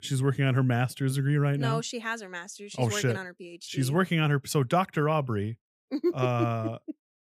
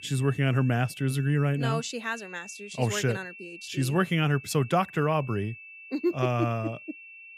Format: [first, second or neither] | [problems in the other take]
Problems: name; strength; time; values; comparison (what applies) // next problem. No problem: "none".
first | high-pitched whine; noticeable; throughout; 2.5 kHz, 15 dB below the speech